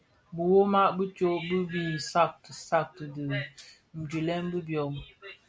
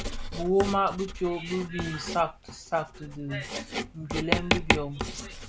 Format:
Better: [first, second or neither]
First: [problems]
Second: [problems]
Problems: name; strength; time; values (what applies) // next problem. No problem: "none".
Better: first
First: none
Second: background sound (Writing); 2 dB below the speech